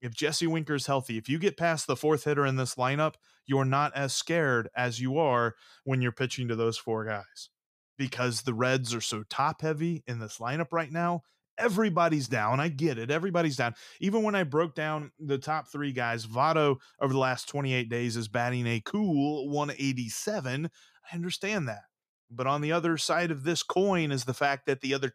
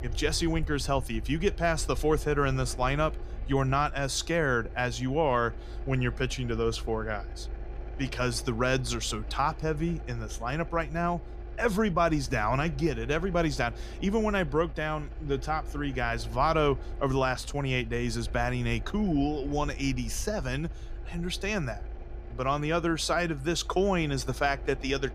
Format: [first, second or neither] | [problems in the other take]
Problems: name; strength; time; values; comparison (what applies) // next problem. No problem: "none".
first | low rumble; faint; throughout; 20 dB below the speech